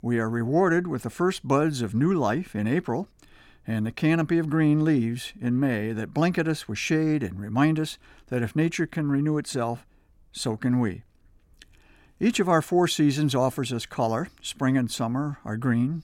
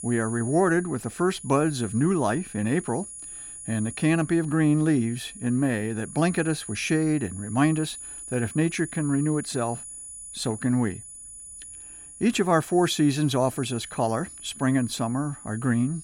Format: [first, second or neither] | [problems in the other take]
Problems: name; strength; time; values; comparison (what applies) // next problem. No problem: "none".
first | high-pitched whine; noticeable; throughout; 10 kHz, 15 dB below the speech